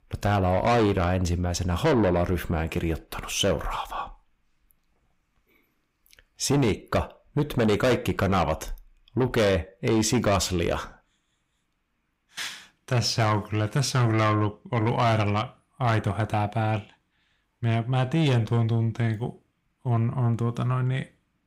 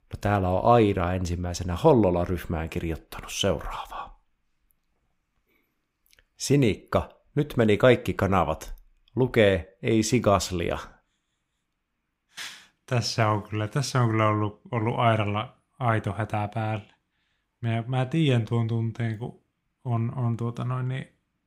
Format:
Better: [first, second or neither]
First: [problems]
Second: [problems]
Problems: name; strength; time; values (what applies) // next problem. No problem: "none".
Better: second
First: distortion; heavy; 8 dB below the speech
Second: none